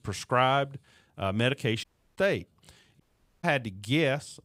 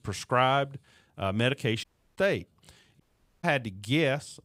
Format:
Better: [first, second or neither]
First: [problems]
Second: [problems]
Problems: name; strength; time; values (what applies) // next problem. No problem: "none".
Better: neither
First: audio cutting out; at 2 s and at 3 s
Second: audio cutting out; at 2 s and at 3 s